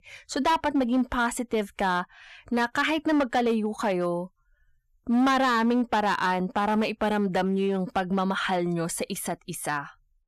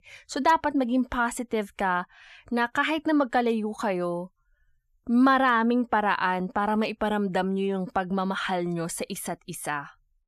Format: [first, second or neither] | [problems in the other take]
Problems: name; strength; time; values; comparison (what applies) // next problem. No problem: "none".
second | distortion; slight; 8% of the sound clipped